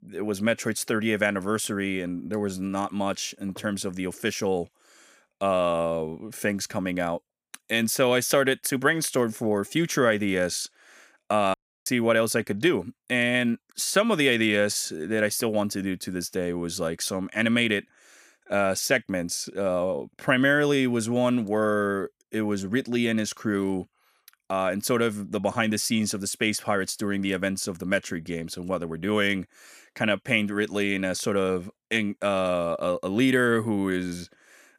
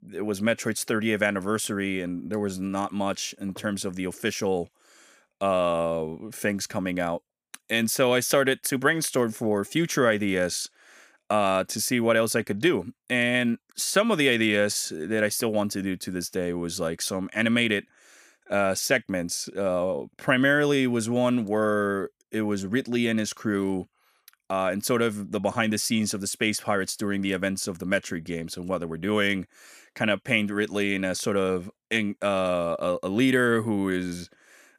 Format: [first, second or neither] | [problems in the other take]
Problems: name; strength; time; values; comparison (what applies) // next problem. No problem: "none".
second | audio cutting out; at 12 s